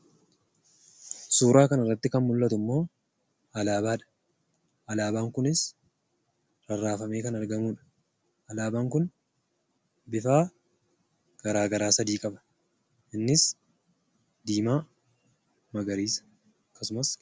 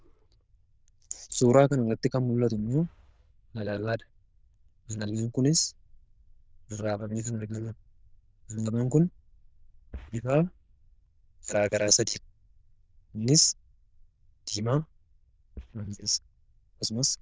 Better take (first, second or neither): first